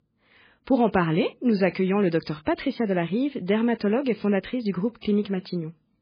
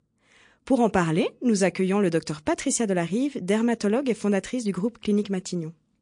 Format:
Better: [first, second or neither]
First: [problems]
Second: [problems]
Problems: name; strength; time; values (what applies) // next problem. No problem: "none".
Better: second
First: garbled, watery; badly; nothing above 5 kHz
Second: garbled, watery; slightly